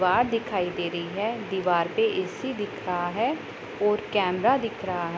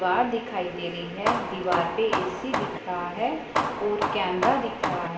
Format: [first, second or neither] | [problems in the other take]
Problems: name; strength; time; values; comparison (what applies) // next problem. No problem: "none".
first | background sound (Hammer); 2 dB below the speech // room echo; dies away in 0.6 s